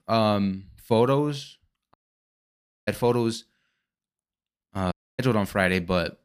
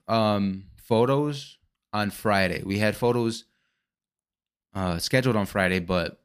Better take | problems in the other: second | audio cutting out; at 2 s for 1 s and at 5 s

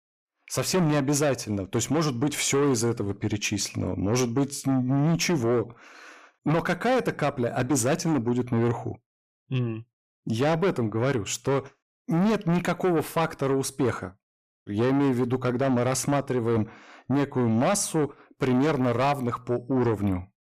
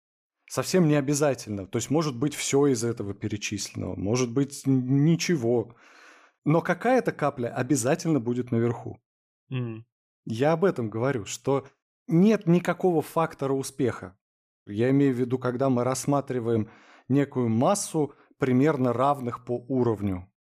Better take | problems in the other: second | distortion; heavy; 8 dB below the speech

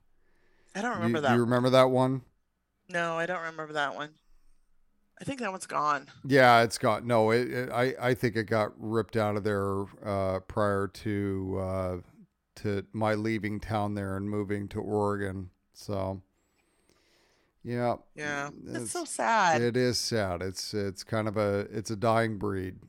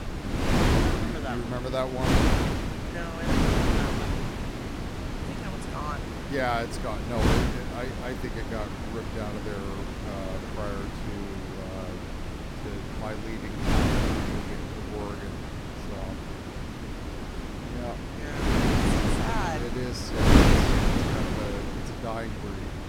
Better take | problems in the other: first | wind noise on the microphone; heavy; 4 dB above the speech

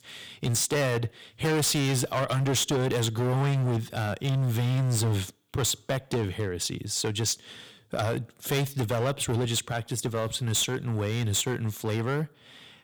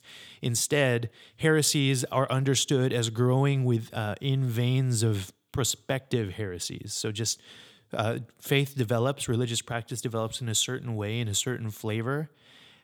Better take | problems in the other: second | distortion; heavy; 16% of the sound clipped

